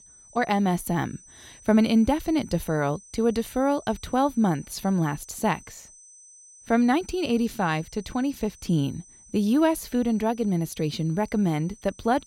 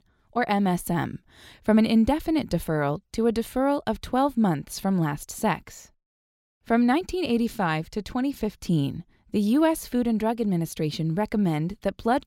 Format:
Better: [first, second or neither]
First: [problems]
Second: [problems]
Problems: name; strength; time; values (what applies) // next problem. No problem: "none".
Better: second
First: high-pitched whine; faint; throughout; 6 kHz, 25 dB below the speech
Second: none